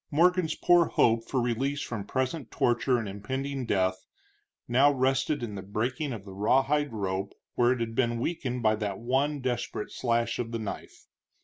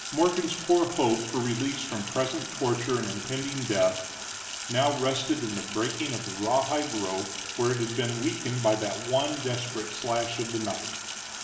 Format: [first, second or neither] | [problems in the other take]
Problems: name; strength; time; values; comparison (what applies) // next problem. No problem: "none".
first | background sound (Sink (filling or washing)); 8 dB below the speech // room echo; dies away in 1.2 s